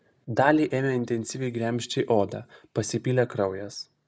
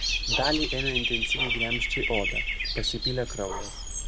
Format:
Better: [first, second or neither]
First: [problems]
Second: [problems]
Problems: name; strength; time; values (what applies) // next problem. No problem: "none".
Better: first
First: none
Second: background sound (Bird / Dog); 4 dB above the speech